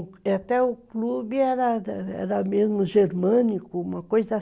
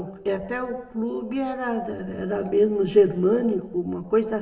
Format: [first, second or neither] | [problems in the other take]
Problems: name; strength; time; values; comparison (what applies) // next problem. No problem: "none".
first | room echo; dies away in 1 s